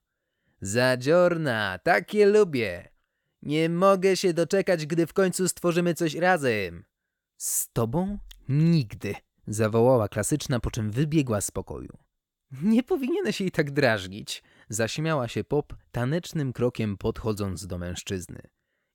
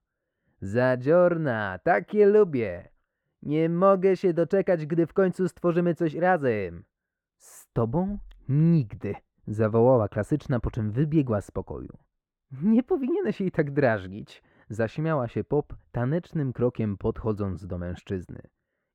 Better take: first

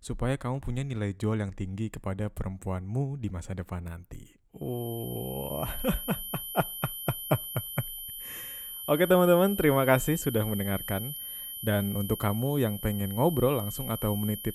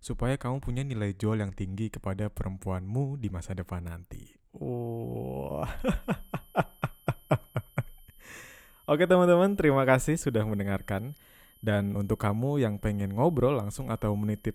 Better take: second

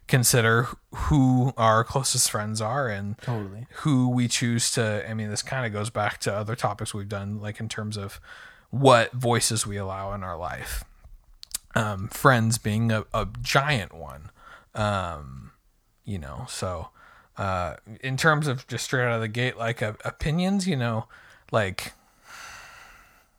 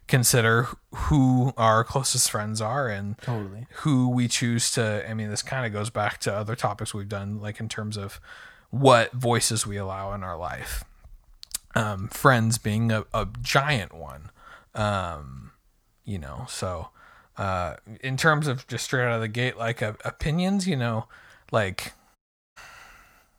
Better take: first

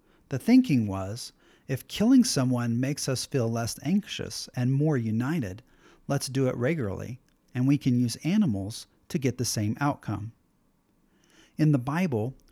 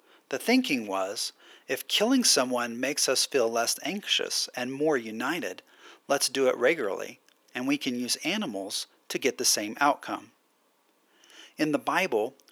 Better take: first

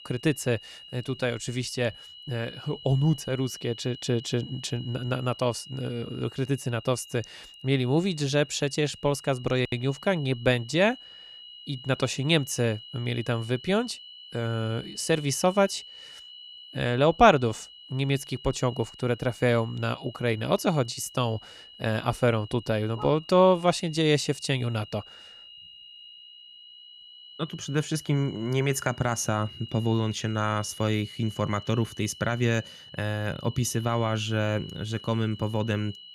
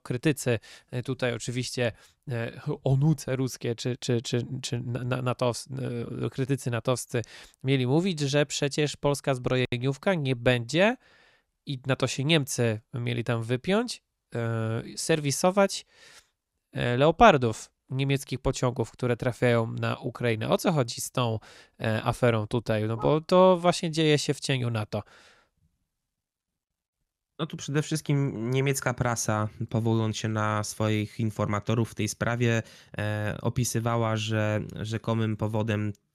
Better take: second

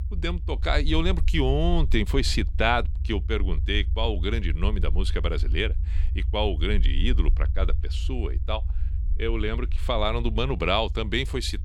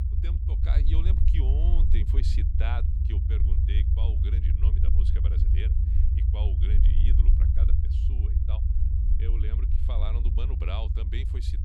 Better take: first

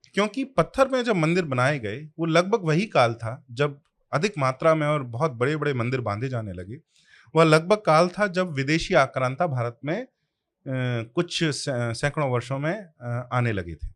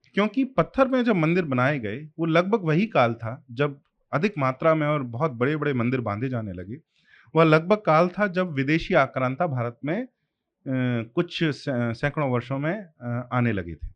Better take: first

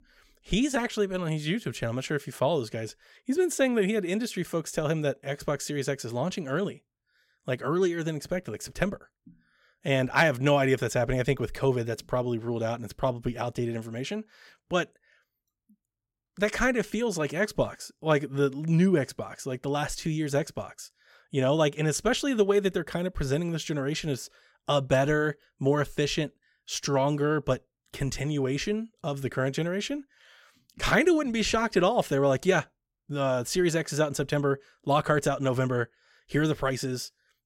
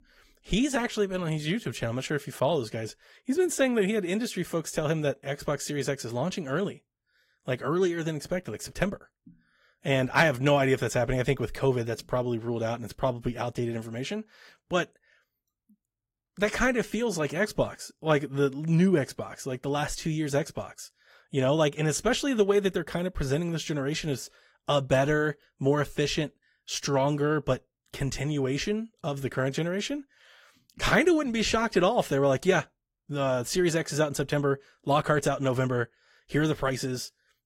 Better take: first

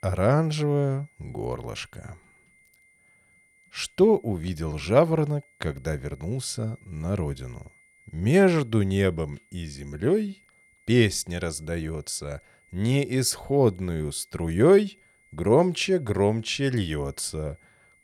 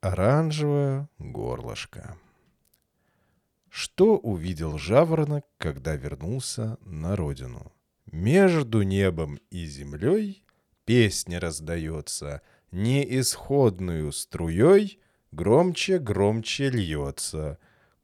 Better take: second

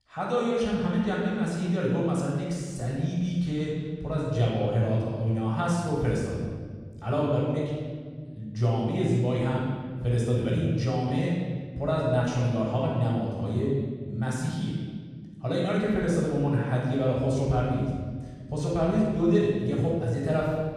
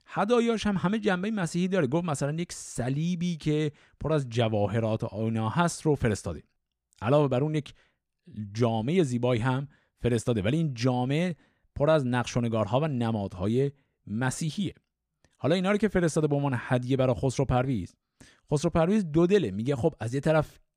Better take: second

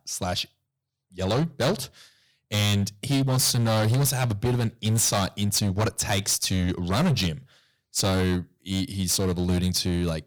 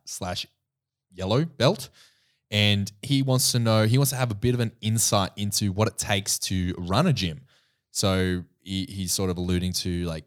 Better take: second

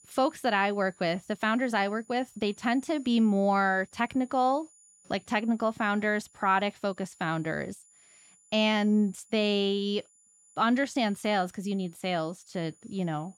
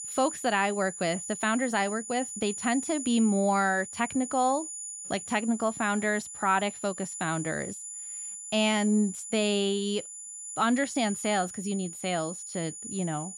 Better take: first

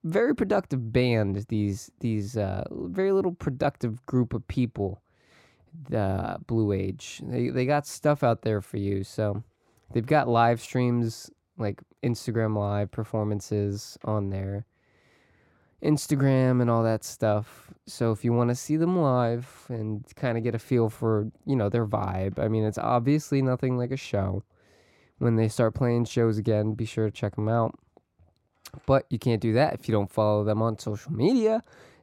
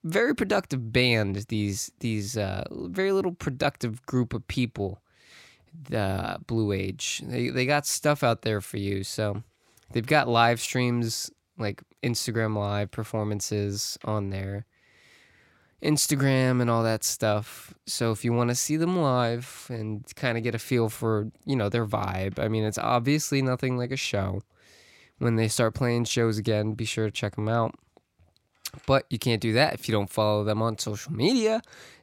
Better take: second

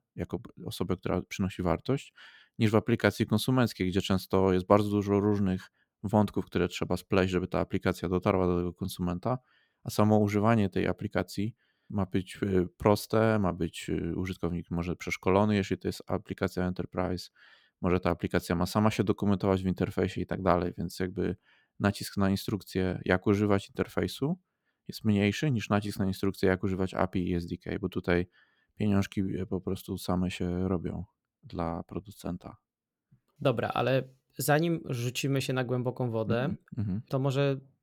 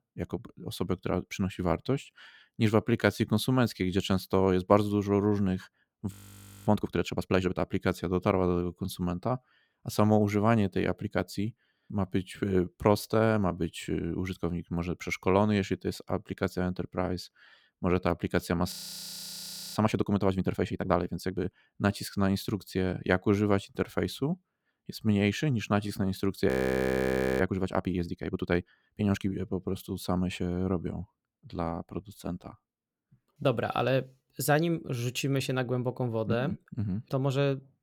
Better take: first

